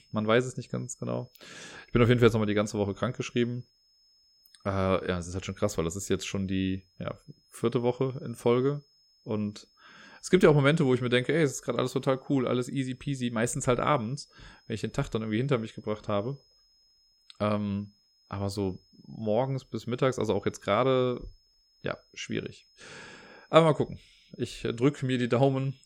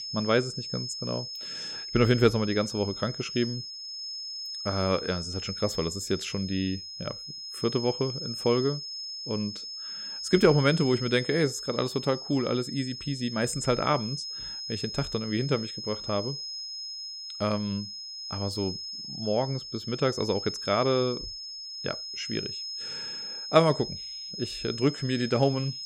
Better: first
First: high-pitched whine; faint; throughout; 5 kHz, 35 dB below the speech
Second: high-pitched whine; loud; throughout; 5 kHz, 7 dB below the speech

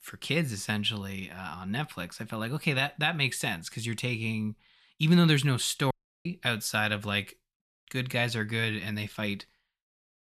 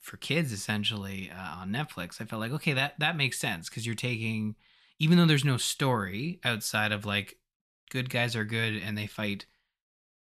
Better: second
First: audio cutting out; at 6 s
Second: none

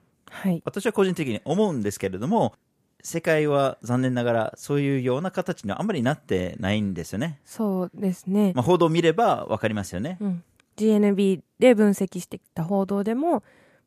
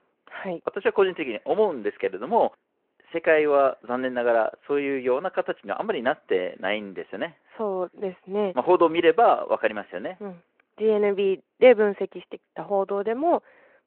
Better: first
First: none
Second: phone-call audio

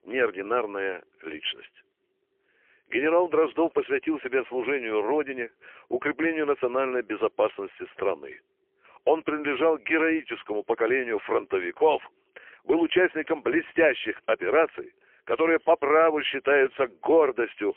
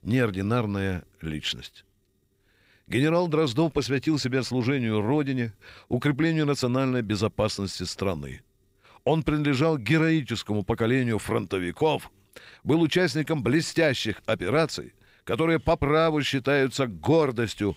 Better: second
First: phone-call audio; poor line; nothing above 3 kHz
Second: none

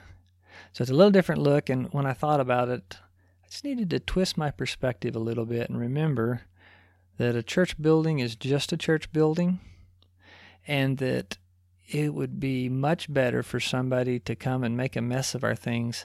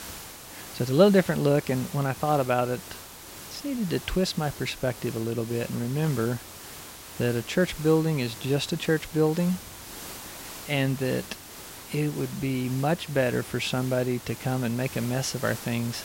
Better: first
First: none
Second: hiss; noticeable; throughout; 15 dB below the speech

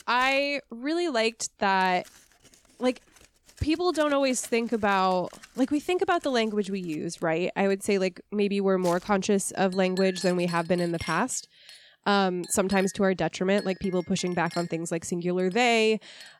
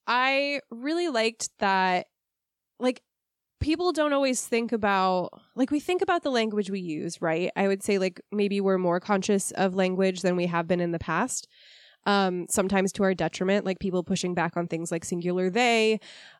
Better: second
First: household noises; noticeable; throughout; 20 dB below the speech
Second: none

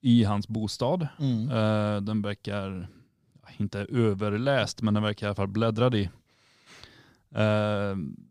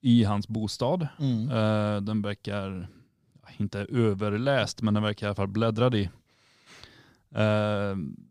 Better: neither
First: none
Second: none

